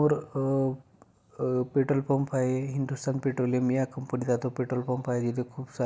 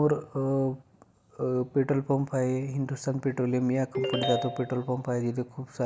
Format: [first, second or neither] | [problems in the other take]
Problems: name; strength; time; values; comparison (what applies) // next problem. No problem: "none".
first | background sound (Ringtone); 4 dB below the speech